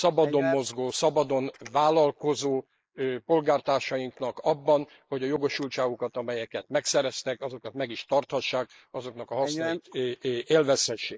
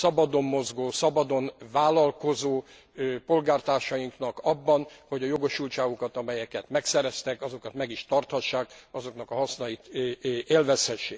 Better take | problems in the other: second | noise reduction (neural mask model Resemble Enhance denoiser)

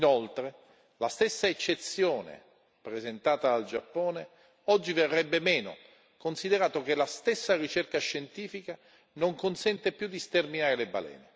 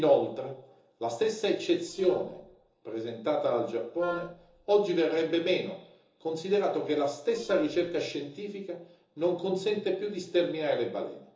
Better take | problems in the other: first | noise reduction (neural separator model SepFormer DNS4)

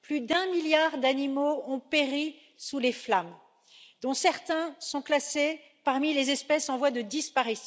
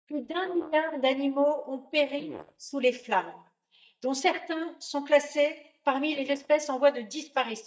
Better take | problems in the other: first | noise reduction (neural mask model DeepFilterNet 3)

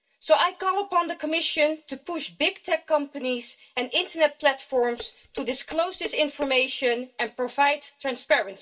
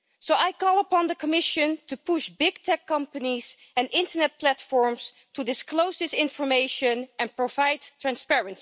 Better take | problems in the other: second | background sound (Dishes, pots, and pans); 16 dB below the speech // room echo; dies away in 0.1 s

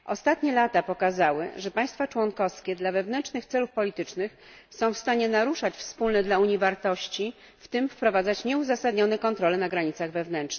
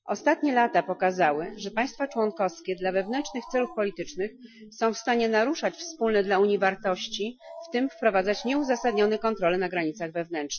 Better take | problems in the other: first | noise reduction (classical method Wiener filter)

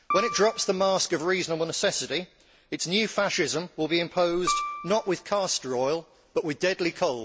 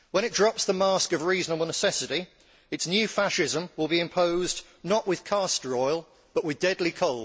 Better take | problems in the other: second | background sound (Piano); 7 dB below the speech

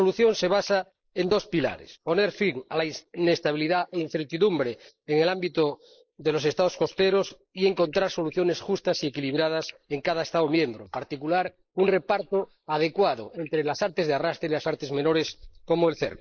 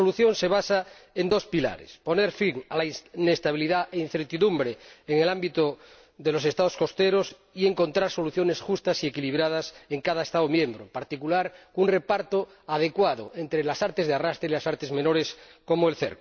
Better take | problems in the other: second | noise reduction (neural mask model Resemble Enhance denoiser)

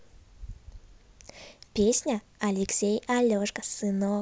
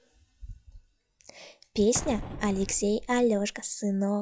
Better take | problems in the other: first | noise reduction (classical method log-MMSE)

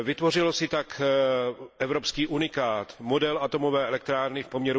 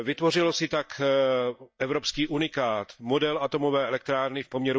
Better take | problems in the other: first | noise reduction (neural mask model DeepFilterNet 3)

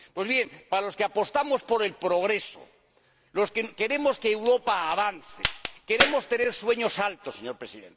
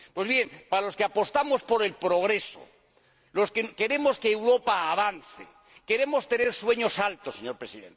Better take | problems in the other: second | background sound (Crack); 5 dB below the speech

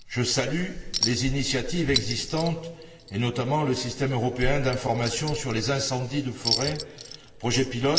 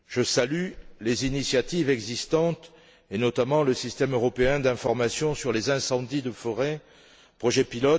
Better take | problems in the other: second | background sound (Chink, clink); 8 dB below the speech // room echo; dies away in 2.4 s

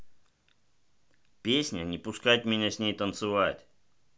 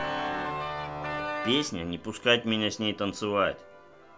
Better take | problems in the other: first | background sound (Organ); 6 dB below the speech

